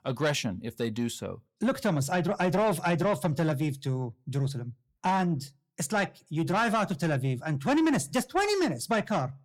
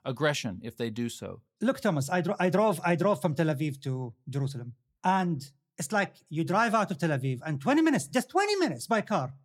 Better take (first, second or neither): second